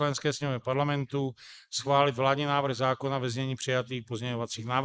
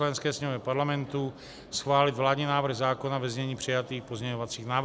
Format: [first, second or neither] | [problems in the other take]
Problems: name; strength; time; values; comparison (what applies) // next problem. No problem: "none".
second | noise reduction (neural mask model Resemble Enhance denoiser)